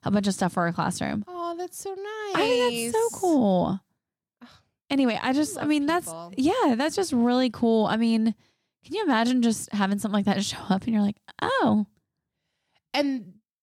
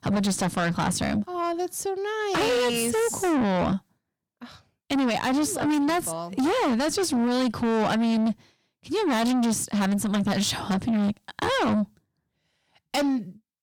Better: first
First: none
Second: distortion; heavy; 7 dB below the speech

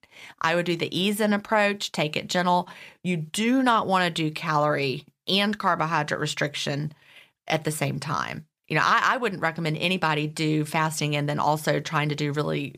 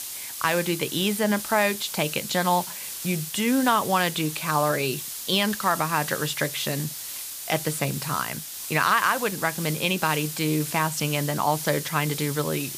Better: first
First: none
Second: hiss; loud; throughout; 7 dB below the speech

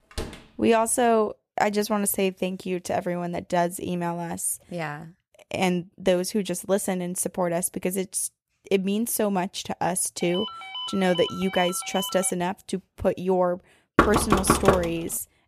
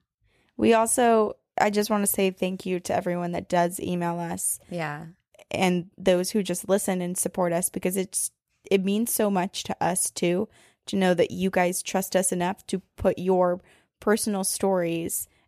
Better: second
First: door banging; faint; at the start; peak 10 dB below the speech // phone ringing; noticeable; from 10 to 12 s; peak 7 dB below the speech // door banging; loud; at 14 s; peak 5 dB above the speech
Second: none

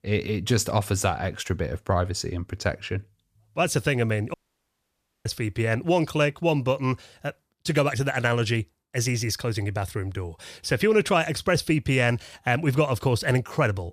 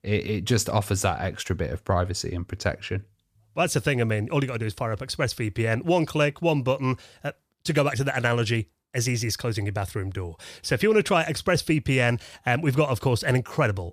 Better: second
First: audio cutting out; at 4.5 s for 1 s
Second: none

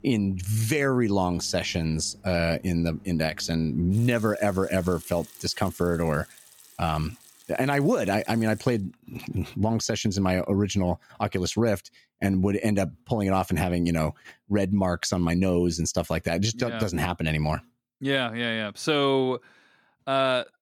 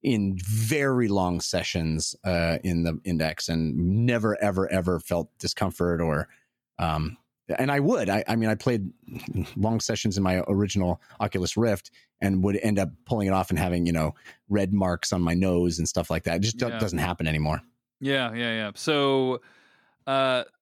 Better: second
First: household noises; faint; until 9 s; 25 dB below the speech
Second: none

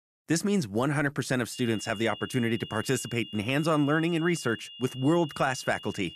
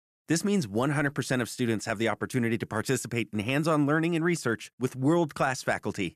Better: second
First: high-pitched whine; noticeable; from 1.5 s on; 3 kHz, 15 dB below the speech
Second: none

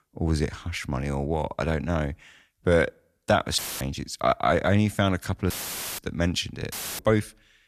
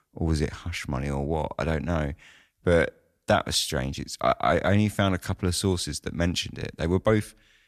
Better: second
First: audio cutting out; filled with static; at 3.5 s, at 5.5 s and at 6.5 s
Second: none

